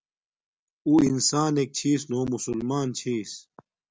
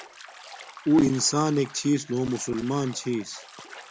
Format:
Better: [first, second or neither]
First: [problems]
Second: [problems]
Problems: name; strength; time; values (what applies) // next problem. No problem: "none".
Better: first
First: none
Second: background sound (Bathtub (filling or washing)); 18 dB below the speech